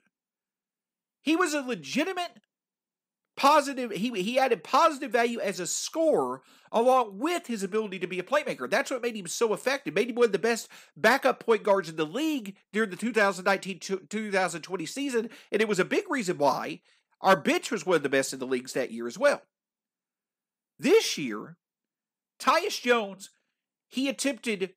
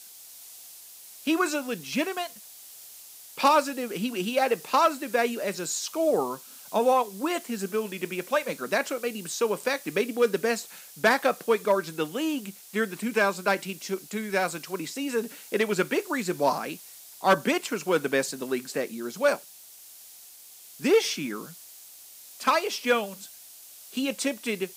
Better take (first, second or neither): first